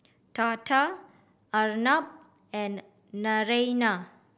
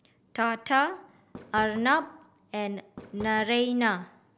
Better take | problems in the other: first | background sound (Fireworks); 19 dB below the speech

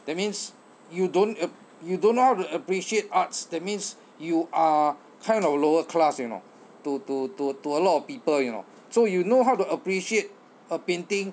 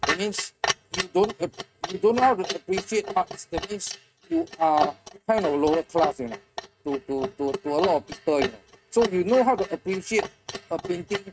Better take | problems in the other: first | noise reduction (neural mask model RNNoise)

